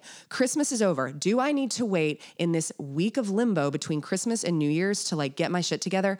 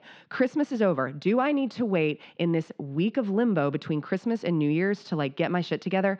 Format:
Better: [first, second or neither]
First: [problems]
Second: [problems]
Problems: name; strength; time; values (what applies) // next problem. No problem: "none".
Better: first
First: none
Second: muffled; very; fading above 3 kHz